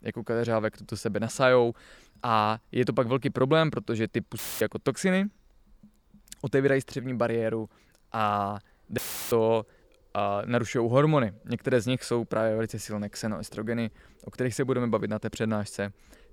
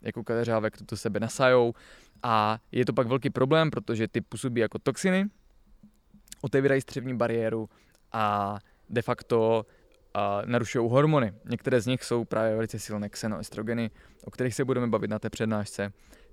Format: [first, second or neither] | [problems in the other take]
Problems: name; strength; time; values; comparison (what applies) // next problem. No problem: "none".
second | audio cutting out; filled with static; at 4.5 s and at 9 s